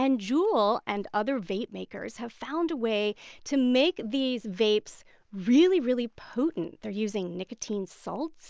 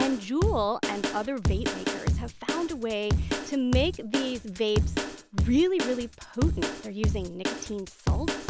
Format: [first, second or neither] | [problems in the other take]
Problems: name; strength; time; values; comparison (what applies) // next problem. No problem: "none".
first | background sound (Drum kit); as loud as the speech